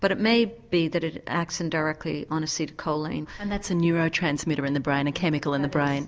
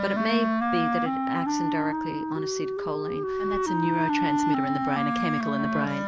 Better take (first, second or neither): first